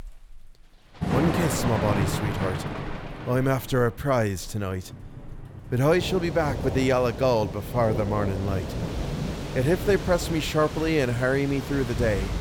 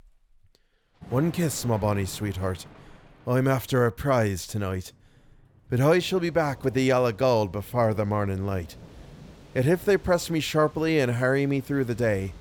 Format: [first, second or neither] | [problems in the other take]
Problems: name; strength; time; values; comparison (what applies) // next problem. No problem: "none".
second | rain or running water; loud; throughout; 6 dB below the speech; faint in the second